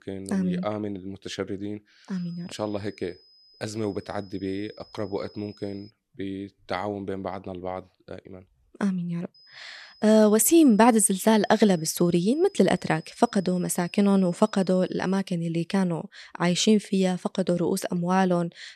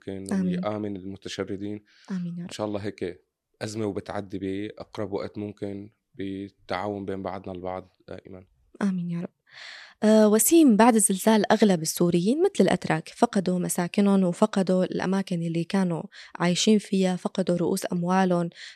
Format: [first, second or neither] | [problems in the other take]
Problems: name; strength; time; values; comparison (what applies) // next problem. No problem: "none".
second | high-pitched whine; faint; from 2 to 6 s and from 9.5 to 15 s; 5 kHz, 30 dB below the speech